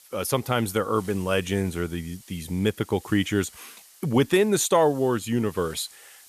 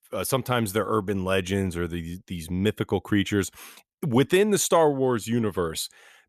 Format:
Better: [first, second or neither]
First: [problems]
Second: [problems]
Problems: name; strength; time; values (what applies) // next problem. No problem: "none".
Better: second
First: hiss; faint; throughout; 25 dB below the speech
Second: none